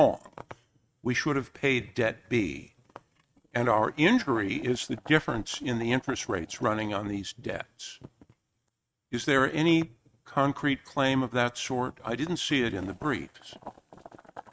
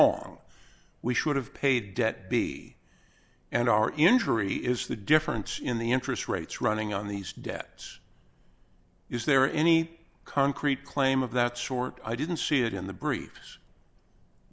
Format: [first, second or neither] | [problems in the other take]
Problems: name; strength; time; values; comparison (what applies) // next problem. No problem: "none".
second | noise reduction (neural mask model RNNoise)